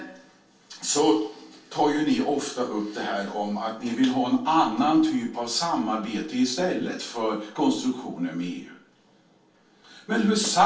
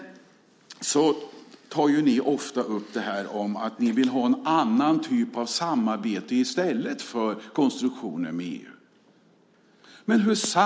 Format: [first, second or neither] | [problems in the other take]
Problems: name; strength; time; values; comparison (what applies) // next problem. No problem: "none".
second | room echo; dies away in 0.3 s